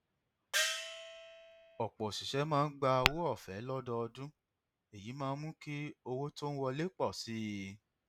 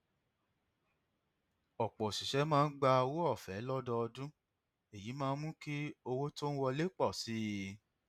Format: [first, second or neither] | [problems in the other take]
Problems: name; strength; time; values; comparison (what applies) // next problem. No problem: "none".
second | background sound (Gong + Tap / Glass); 1 dB below the speech